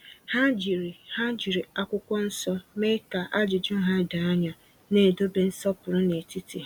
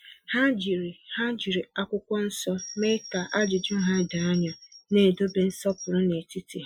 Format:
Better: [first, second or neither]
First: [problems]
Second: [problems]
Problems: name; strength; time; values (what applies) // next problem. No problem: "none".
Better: first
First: none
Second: noise reduction (classical method Wiener filter)